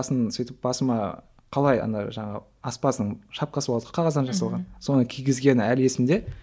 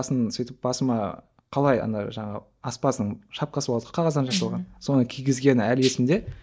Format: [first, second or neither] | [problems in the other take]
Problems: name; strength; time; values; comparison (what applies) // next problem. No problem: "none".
first | noise reduction (neural mask model DeepFilterNet 3)